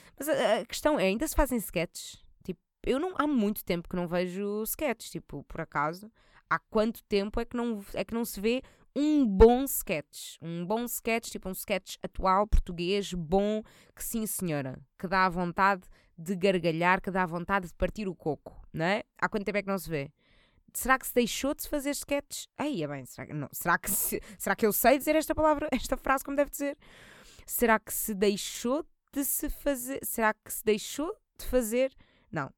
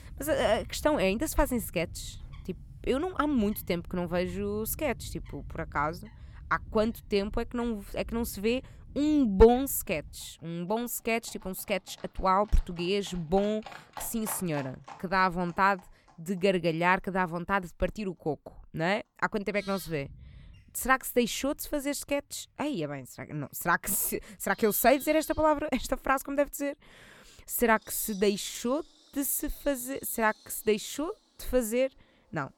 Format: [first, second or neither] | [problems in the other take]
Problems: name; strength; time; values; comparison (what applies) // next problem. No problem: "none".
first | animal sounds; noticeable; throughout; 20 dB below the speech